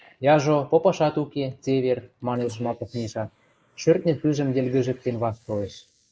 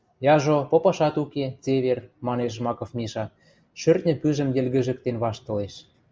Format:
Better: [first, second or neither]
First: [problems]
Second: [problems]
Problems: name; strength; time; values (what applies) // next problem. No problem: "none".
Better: second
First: noise reduction (neural mask model Resemble Enhance denoiser)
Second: none